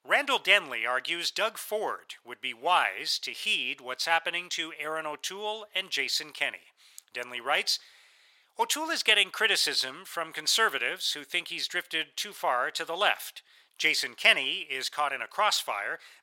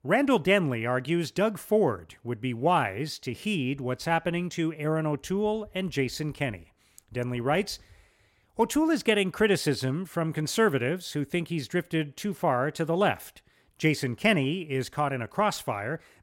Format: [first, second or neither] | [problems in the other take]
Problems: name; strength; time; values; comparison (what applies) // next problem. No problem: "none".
second | thin; very; fading below 950 Hz